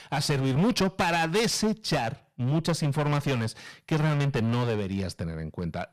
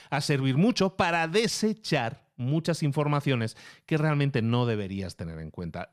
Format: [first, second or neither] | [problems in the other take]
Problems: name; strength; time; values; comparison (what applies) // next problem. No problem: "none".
second | distortion; heavy; 14% of the sound clipped